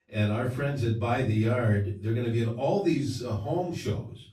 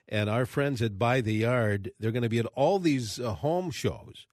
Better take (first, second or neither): second